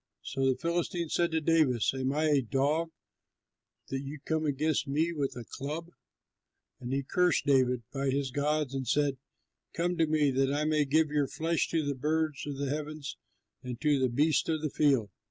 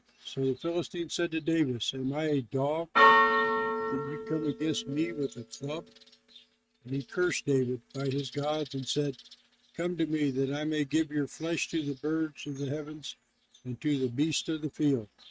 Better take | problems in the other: first | noise reduction (neural mask model RNNoise)

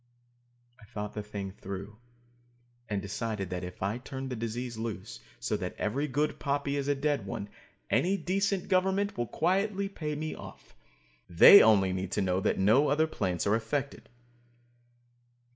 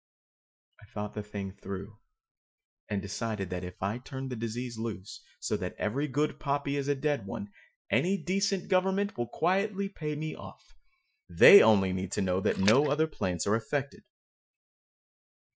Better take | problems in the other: first | noise reduction (classical method Wiener filter)

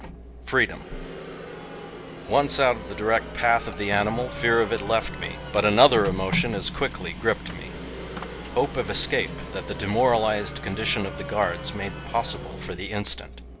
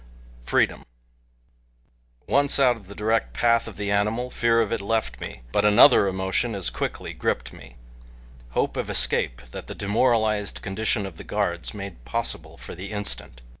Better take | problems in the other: second | background sound (Printer + Crowd); 10 dB below the speech

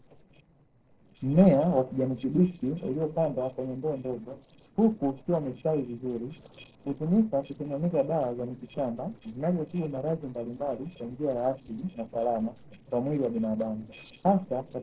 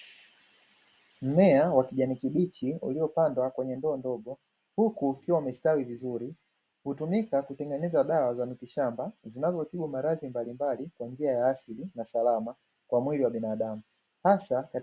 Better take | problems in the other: second | noise reduction (neural separator model SepFormer DNS4)

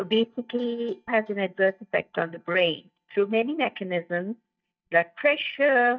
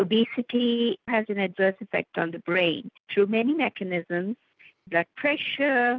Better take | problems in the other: second | noise reduction (neural mask model DeepFilterNet 3)

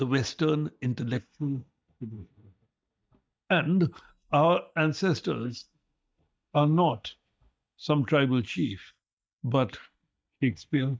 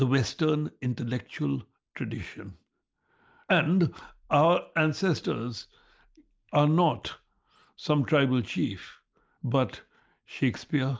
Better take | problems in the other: second | noise reduction (neural mask model DeepFilterNet 3)

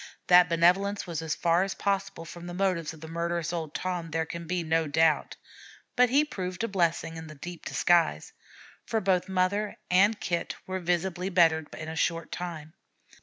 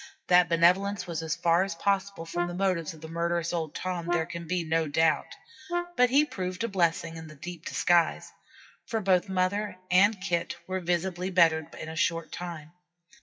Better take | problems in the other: first | noise reduction (classical method WPE with log-MMSE)

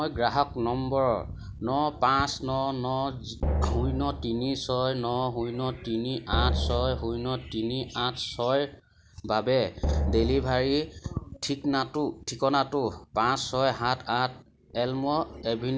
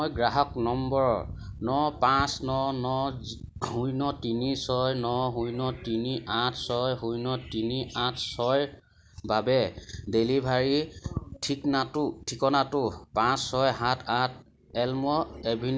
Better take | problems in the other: second | background sound (Drum); 2 dB below the speech

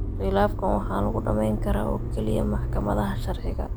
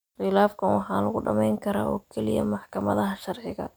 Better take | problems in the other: second | background sound (Motor vehicle (road)); as loud as the speech

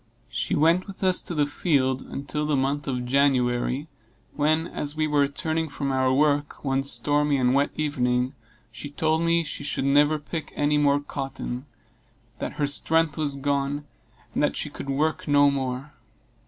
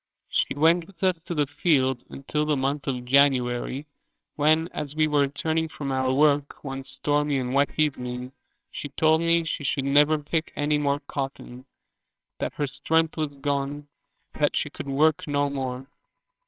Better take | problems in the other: first | noise reduction (neural separator model SepFormer WHAMR!)

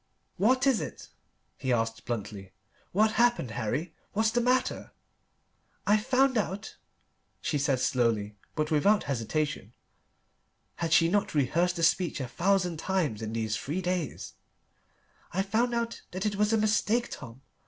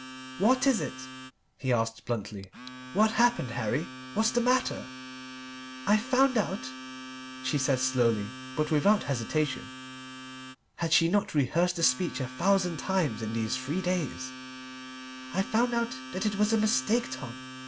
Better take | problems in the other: first | background sound (Domestic sounds, home sounds); 13 dB below the speech

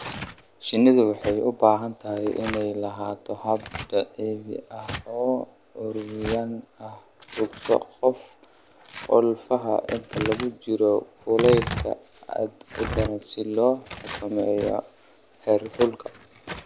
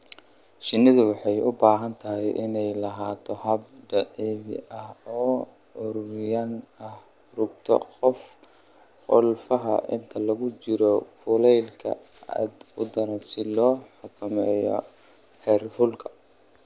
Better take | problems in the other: second | background sound (Tearing); 12 dB below the speech

